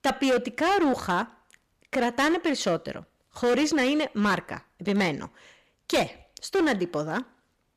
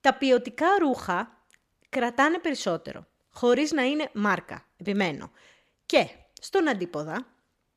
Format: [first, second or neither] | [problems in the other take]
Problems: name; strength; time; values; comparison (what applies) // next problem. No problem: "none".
second | distortion; heavy; 10% of the sound clipped